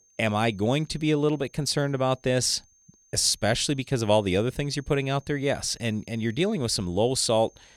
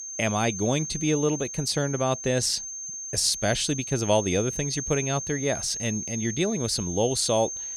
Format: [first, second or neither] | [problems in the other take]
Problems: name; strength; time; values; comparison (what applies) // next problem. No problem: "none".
first | high-pitched whine; loud; throughout; 6.5 kHz, 6 dB below the speech; faint in the first